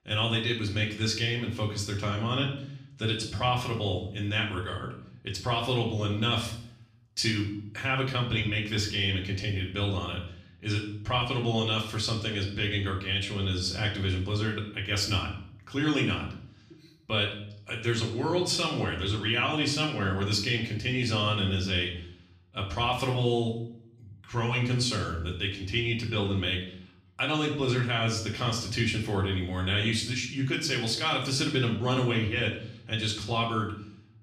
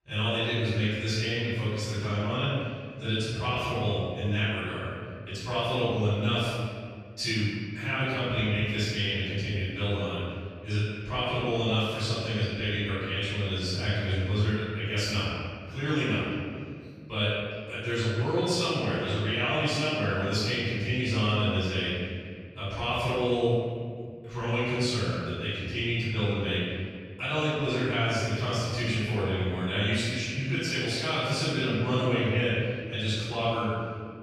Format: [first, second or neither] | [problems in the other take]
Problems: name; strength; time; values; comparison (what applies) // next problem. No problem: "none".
first | room echo; strong; dies away in 2 s; slight in the first // off-mic speech; far; far in the first